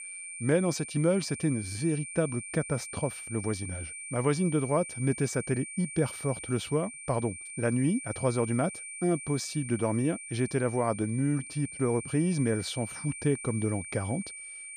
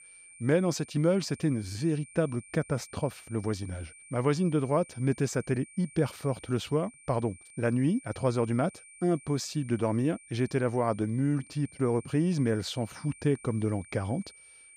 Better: second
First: high-pitched whine; loud; throughout; 9 kHz, 9 dB below the speech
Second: high-pitched whine; faint; throughout; 9 kHz, 20 dB below the speech

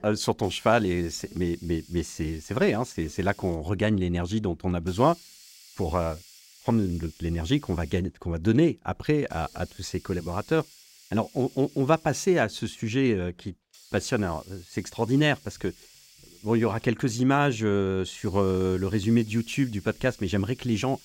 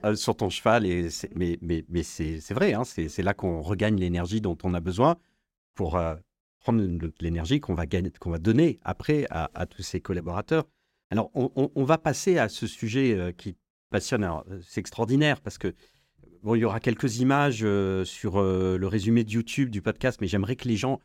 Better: second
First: hiss; faint; throughout; 25 dB below the speech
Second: none

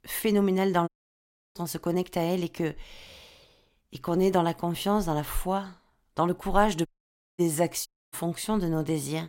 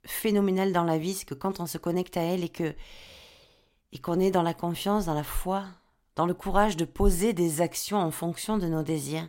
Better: second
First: audio cutting out; at 1 s for 0.5 s, at 7 s for 0.5 s and at 8 s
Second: none

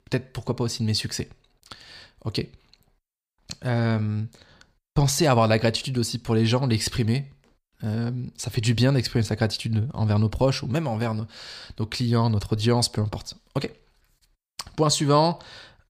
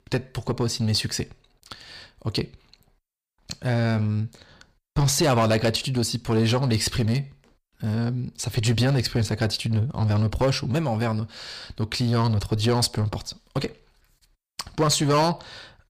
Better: first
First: none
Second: distortion; slight; 6% of the sound clipped

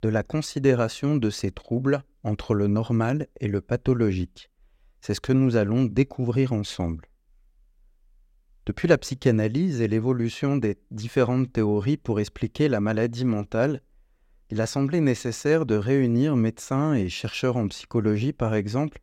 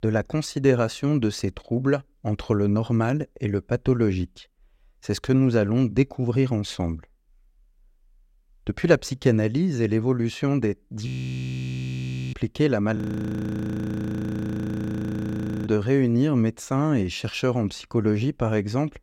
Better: first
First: none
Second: audio freezing; at 11 s for 1.5 s and at 13 s for 2.5 s

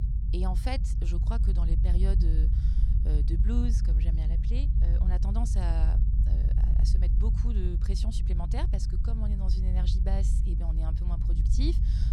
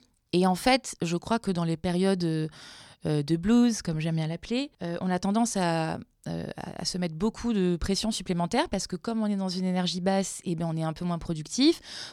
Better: second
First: low rumble; loud; throughout; 4 dB below the speech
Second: none

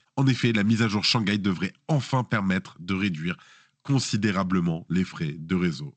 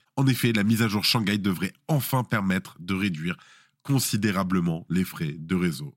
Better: second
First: garbled, watery; slightly; nothing above 8 kHz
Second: none

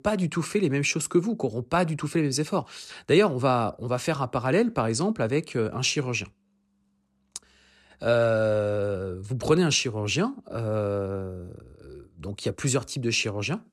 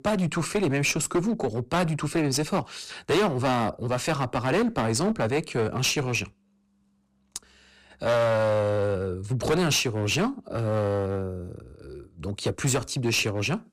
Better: first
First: none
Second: distortion; heavy; 12% of the sound clipped

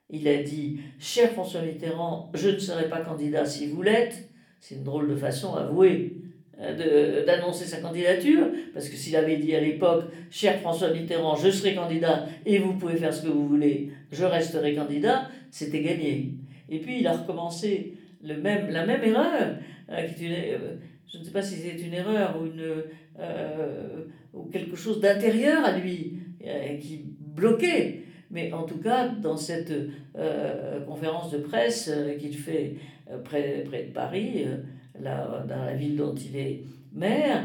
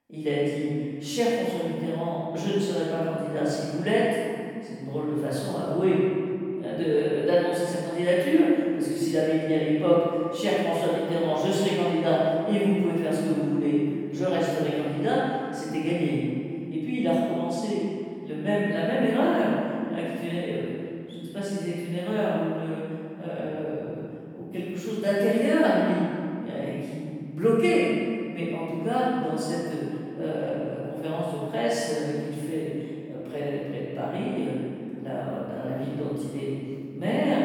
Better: first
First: room echo; slight; dies away in 0.5 s // off-mic speech; somewhat distant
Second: room echo; strong; dies away in 2.3 s // off-mic speech; far

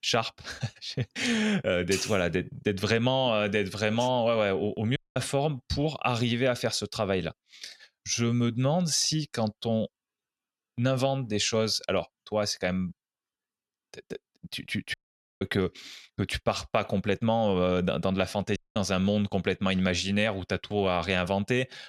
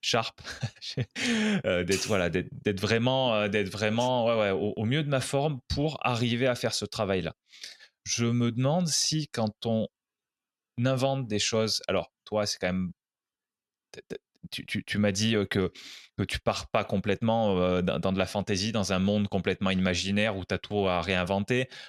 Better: second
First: audio cutting out; at 5 s, at 15 s and at 19 s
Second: none

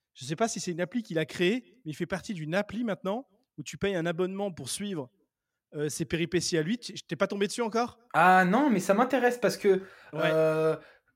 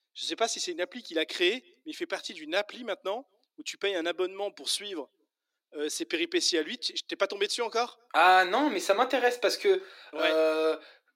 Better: first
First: none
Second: thin; somewhat; fading below 300 Hz

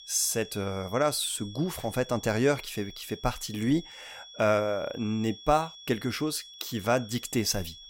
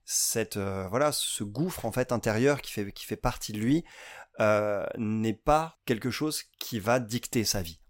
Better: second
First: high-pitched whine; noticeable; throughout; 3.5 kHz, 15 dB below the speech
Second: none

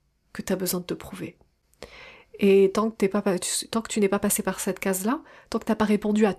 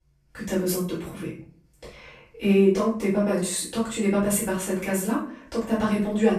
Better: first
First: none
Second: off-mic speech; far // room echo; noticeable; dies away in 0.4 s

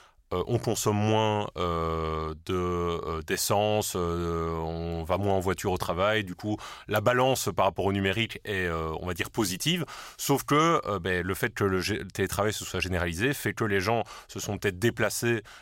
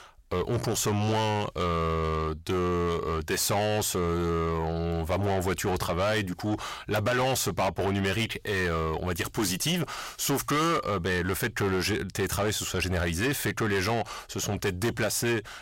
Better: first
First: none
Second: distortion; heavy; 8 dB below the speech

